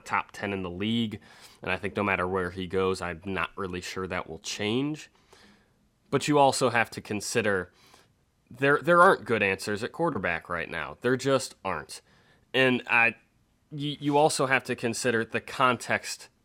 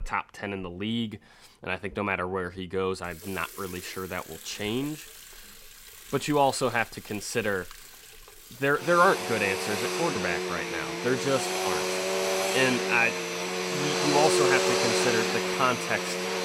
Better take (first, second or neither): first